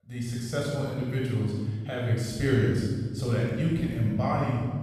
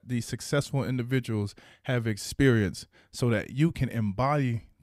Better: second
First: off-mic speech; far // room echo; strong; dies away in 1.8 s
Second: none

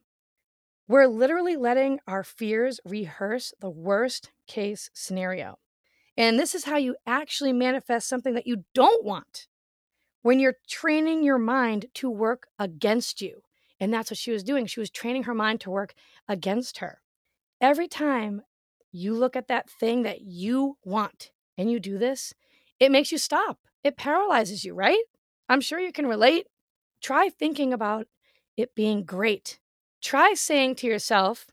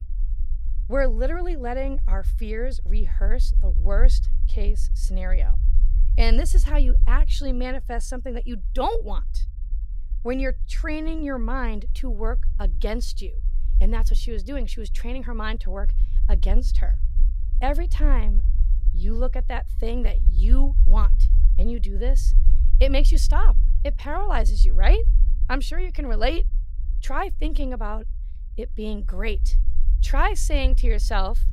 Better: first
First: none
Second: low rumble; noticeable; throughout; 20 dB below the speech

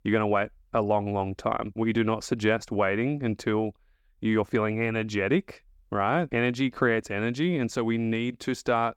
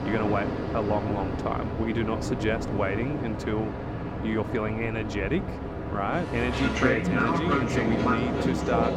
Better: first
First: none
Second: train or aircraft noise; very loud; throughout; 1 dB above the speech

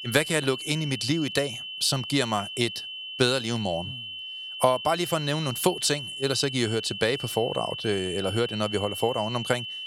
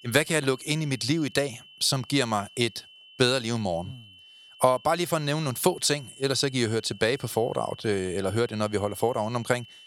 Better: second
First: high-pitched whine; loud; throughout; 3 kHz, 7 dB below the speech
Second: high-pitched whine; faint; throughout; 3 kHz, 20 dB below the speech

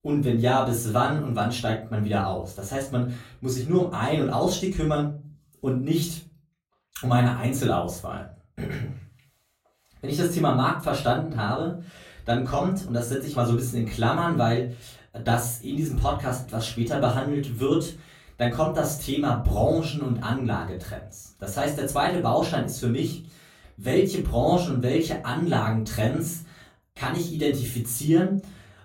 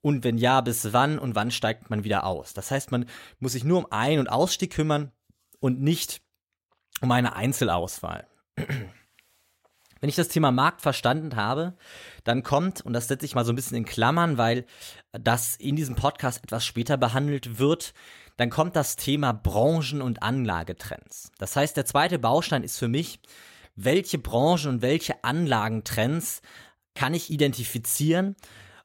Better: second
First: off-mic speech; far // room echo; slight; dies away in 0.4 s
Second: none

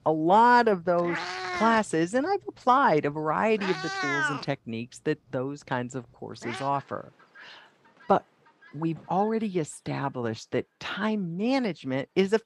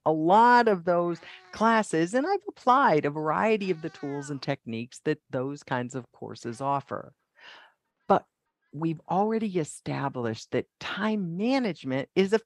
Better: second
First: animal sounds; loud; throughout; 6 dB below the speech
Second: animal sounds; faint; throughout; 25 dB below the speech

